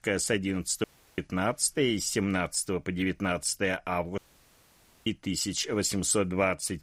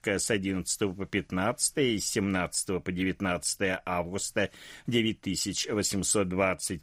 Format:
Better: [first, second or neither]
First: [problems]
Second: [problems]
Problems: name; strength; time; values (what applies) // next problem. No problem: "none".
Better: second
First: audio cutting out; at 1 s and at 4 s for 1 s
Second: none